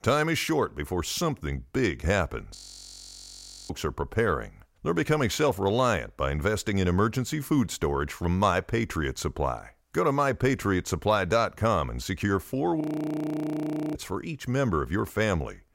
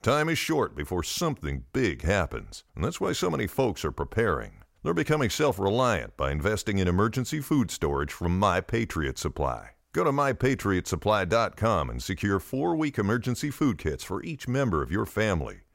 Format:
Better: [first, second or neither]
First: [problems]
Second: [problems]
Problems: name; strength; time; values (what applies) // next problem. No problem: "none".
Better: second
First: audio freezing; at 2.5 s for 1 s and at 13 s for 1 s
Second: none